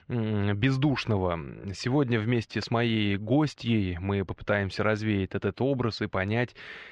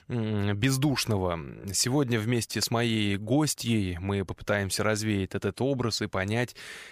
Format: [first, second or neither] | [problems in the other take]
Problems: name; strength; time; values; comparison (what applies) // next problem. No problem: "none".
second | muffled; slightly; fading above 3.5 kHz